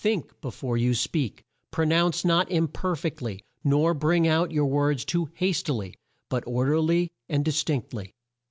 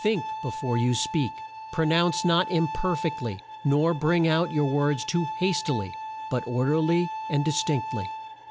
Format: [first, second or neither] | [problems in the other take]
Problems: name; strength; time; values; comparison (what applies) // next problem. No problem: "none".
first | background sound (Bowed string instrument); 9 dB below the speech